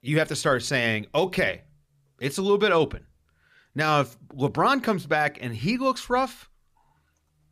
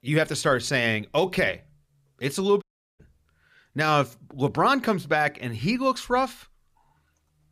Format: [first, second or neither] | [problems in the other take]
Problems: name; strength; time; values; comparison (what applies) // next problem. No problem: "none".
first | audio cutting out; at 2.5 s